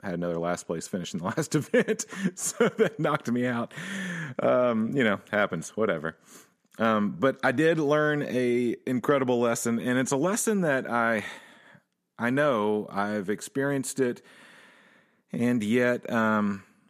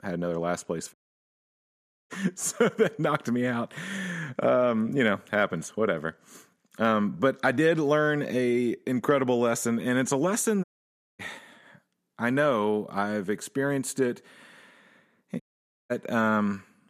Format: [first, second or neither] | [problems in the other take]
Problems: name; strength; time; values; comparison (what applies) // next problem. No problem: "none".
first | audio cutting out; at 1 s for 1 s, at 11 s for 0.5 s and at 15 s